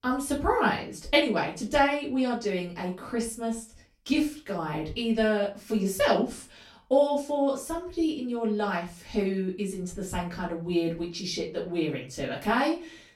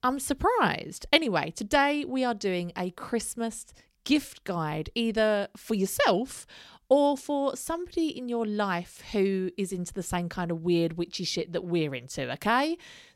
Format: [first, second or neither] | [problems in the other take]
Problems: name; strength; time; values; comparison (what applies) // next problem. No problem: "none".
second | off-mic speech; far // room echo; slight; dies away in 0.3 s